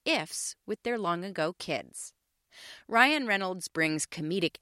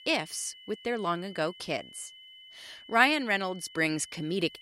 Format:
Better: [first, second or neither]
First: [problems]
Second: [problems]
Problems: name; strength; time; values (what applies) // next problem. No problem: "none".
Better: first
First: none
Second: high-pitched whine; noticeable; throughout; 3 kHz, 20 dB below the speech